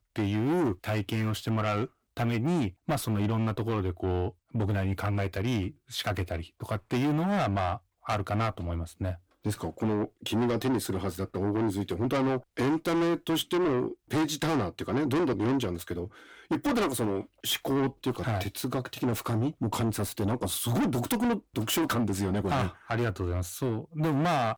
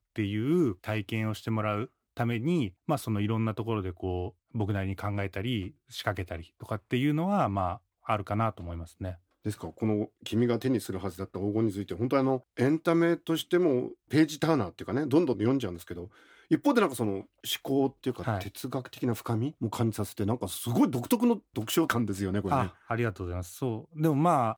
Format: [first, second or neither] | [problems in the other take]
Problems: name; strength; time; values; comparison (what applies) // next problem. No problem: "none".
second | distortion; heavy; 6 dB below the speech